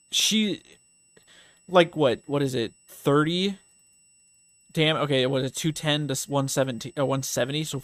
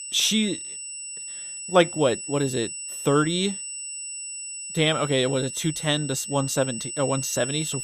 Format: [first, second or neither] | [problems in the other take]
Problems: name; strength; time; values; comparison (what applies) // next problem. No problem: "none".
first | high-pitched whine; loud; throughout; 8 kHz, 7 dB below the speech; faint in the first